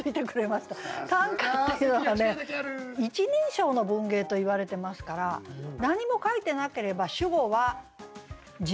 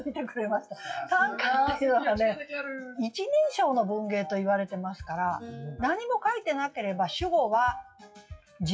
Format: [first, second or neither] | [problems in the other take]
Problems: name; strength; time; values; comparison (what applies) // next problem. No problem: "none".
first | noise reduction (classical method WPE with log-MMSE)